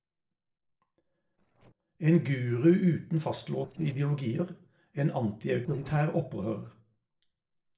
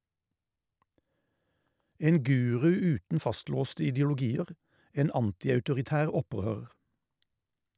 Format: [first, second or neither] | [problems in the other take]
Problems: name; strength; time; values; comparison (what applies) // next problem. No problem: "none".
second | noise reduction (neural separator model SepFormer DNS4)